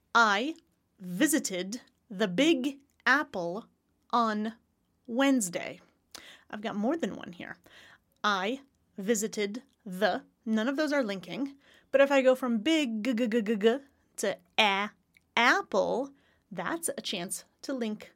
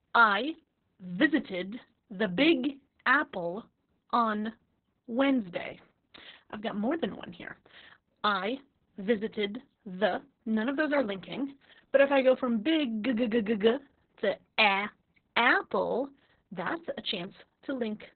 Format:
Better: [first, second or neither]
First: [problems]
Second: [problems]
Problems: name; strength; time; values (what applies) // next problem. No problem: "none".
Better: first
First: none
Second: garbled, watery; badly; nothing above 4 kHz